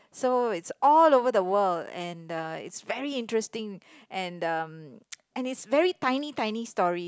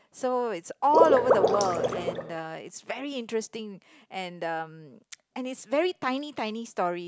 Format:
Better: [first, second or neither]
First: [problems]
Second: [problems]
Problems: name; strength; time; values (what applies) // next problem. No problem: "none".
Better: first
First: none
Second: background sound (Water / Liquid); 5 dB above the speech